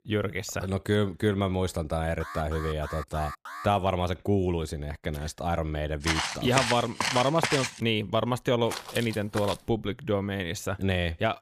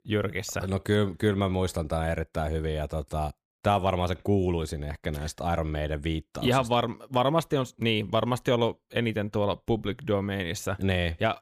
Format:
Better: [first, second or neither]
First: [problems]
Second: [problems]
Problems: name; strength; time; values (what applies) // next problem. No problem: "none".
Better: second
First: alarm; faint; from 2 to 3.5 s; peak 10 dB below the speech // footsteps; loud; from 6 to 7.5 s; peak 1 dB above the speech // footsteps; noticeable; at 8.5 s; peak 8 dB below the speech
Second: none